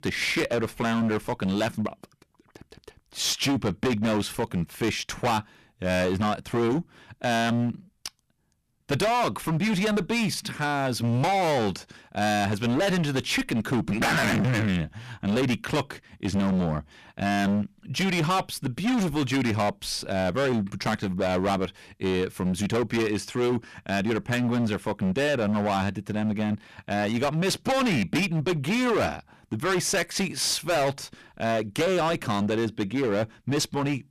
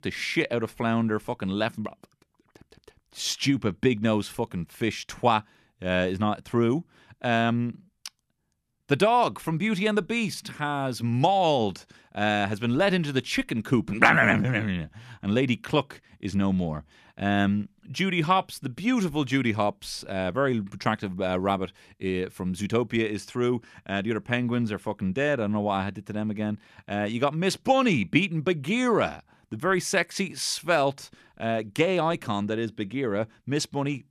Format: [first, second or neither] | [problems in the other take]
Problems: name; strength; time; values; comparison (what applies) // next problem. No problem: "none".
second | distortion; heavy; 21% of the sound clipped